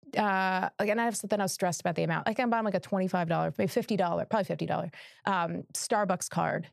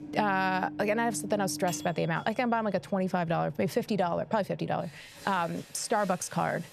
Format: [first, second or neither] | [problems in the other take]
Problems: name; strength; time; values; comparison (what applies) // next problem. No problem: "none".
first | household noises; noticeable; throughout; 15 dB below the speech